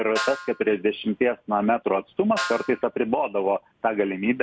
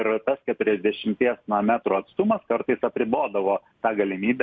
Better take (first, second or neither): second